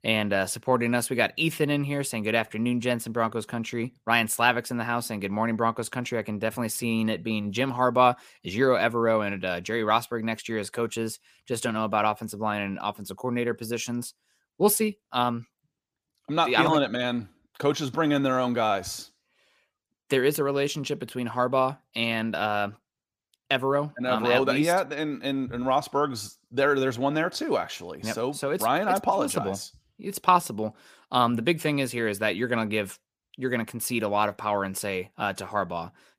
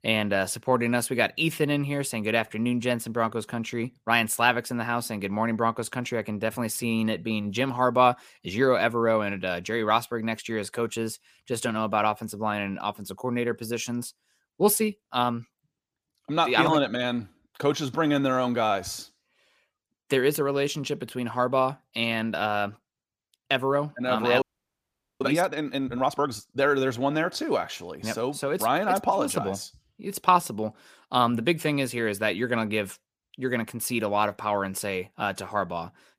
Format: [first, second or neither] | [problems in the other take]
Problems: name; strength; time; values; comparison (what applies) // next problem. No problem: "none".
first | audio freezing; at 24 s for 1 s